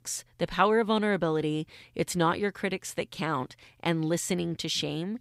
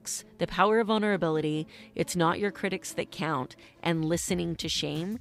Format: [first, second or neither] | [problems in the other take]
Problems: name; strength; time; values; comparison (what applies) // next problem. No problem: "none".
first | background music; faint; throughout; 25 dB below the speech